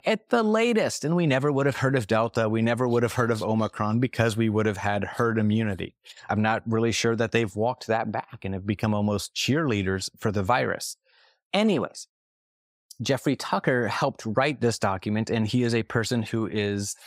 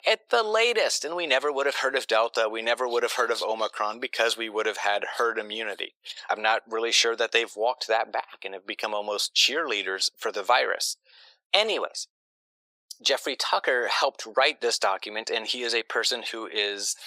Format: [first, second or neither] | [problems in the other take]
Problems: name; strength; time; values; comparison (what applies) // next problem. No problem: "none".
first | thin; very; fading below 450 Hz